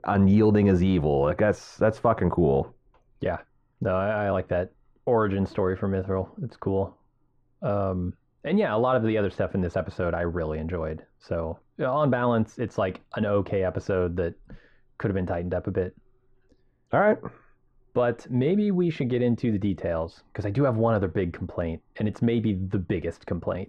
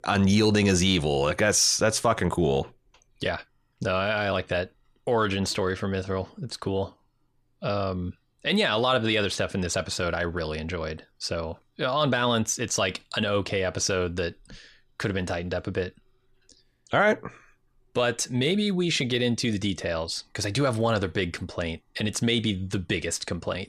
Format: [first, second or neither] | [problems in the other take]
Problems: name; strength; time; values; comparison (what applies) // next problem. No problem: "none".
second | muffled; very; fading above 3 kHz